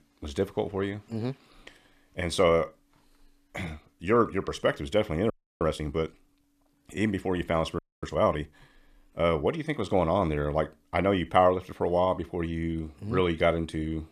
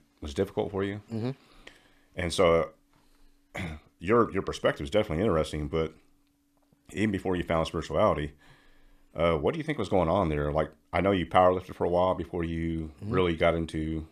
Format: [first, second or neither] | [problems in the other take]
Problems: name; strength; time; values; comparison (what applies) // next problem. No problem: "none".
second | audio freezing; at 5.5 s and at 8 s